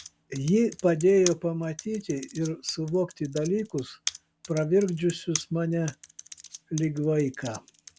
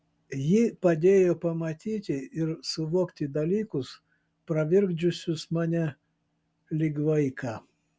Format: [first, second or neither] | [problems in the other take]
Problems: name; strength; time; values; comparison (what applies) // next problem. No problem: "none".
second | background sound (Computer keyboard); 14 dB below the speech